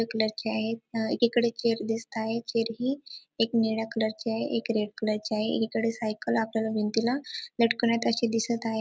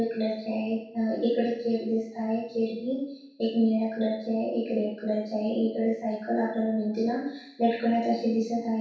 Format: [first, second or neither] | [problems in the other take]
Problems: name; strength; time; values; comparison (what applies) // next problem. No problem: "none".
first | room echo; dies away in 0.7 s